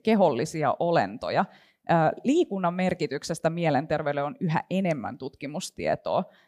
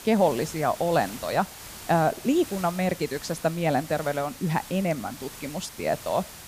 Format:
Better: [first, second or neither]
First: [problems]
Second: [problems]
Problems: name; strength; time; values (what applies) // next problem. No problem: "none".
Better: first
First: none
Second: hiss; noticeable; throughout; 15 dB below the speech